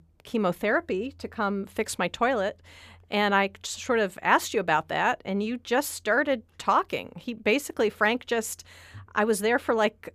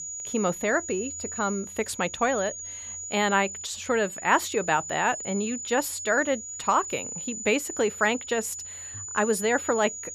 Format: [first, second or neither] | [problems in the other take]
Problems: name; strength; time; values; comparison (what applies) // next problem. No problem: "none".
first | high-pitched whine; loud; throughout; 7 kHz, 8 dB below the speech